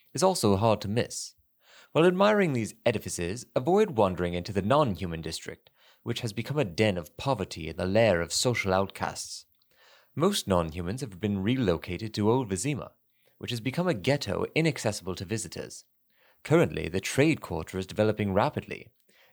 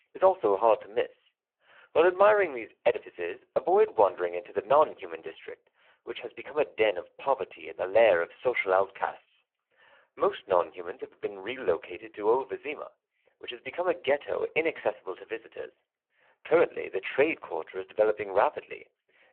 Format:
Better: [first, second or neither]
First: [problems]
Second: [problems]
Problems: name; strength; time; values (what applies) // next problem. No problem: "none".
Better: first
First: none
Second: phone-call audio; poor line